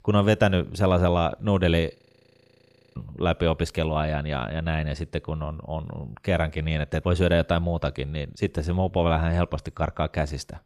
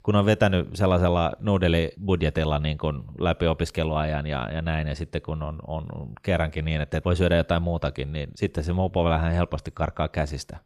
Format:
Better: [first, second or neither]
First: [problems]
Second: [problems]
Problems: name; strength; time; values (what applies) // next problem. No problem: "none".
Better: second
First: audio freezing; at 2 s for 1 s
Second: none